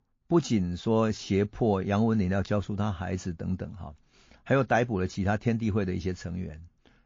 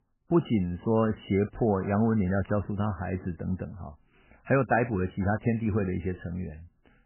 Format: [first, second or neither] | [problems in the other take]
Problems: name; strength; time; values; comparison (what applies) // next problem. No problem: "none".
first | garbled, watery; badly; nothing above 3 kHz; slightly in the first